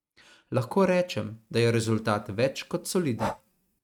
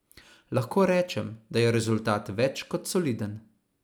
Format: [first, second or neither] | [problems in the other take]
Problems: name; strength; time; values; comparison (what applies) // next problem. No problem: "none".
second | noise reduction (neural mask model RNNoise)